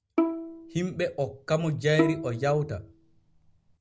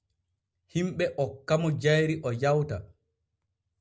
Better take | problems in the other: second | background sound (Bowed string instrument); 4 dB below the speech

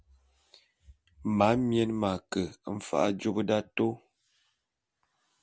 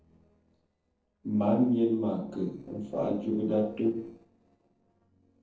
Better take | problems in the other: first | noise reduction (neural separator model SepFormer DNS4)

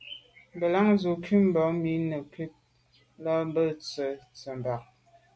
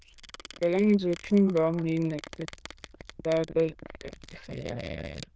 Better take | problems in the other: first | noise reduction (neural diffusion model UNIVERSE++)

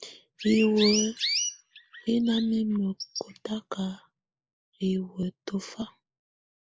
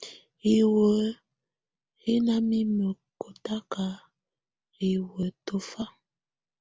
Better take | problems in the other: second | noise reduction (neural mask model Resemble Enhance denoiser)

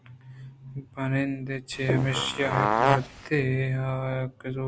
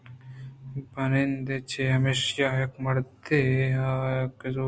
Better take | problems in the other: second | background sound (Fart); 2 dB above the speech

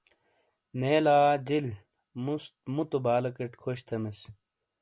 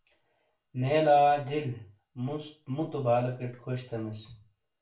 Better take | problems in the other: first | room echo; dies away in 0.4 s

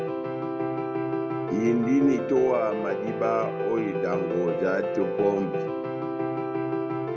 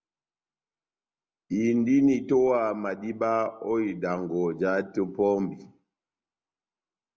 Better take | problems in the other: second | background sound (Piano); 1 dB below the speech

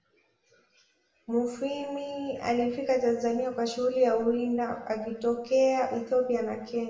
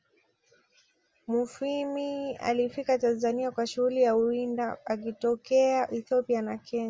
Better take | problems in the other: second | room echo; dies away in 0.8 s

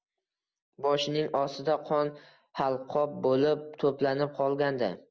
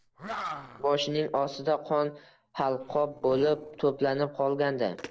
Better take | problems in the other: first | noise reduction (neural separator model SepFormer DNS4)

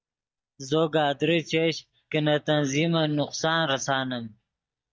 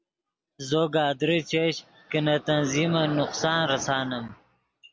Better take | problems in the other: second | noise reduction (neural mask model DeepFilterNet 3)

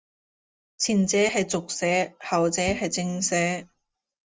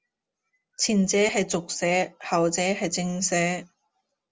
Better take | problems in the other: second | noise reduction (neural mask model DeepFilterNet 3)

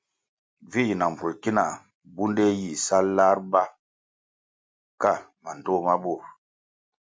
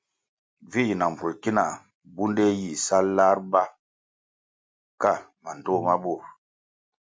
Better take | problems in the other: first | background sound (Brass instrument); 17 dB below the speech

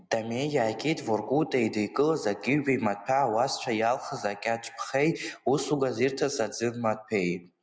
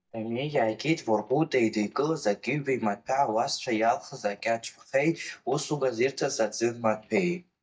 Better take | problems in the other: first | noise reduction (neural mask model DeepFilterNet 3)

